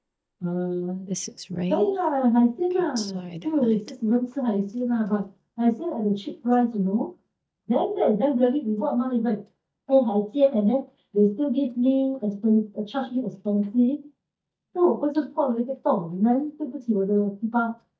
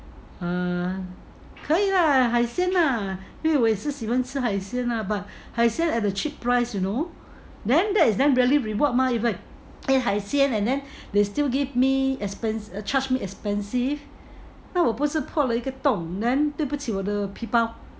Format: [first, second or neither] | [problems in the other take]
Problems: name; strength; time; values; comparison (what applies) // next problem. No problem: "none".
second | noise reduction (neural mask model DeepFilterNet 3)